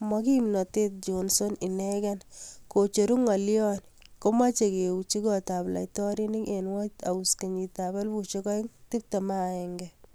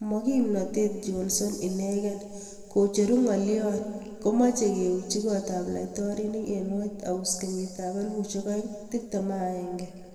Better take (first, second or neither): first